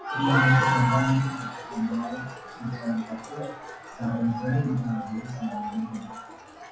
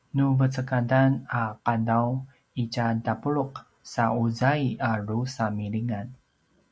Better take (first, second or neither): second